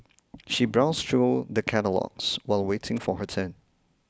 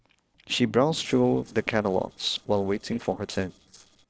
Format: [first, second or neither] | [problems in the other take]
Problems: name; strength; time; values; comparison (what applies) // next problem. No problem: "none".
first | noise reduction (neural separator model SepFormer DNS4)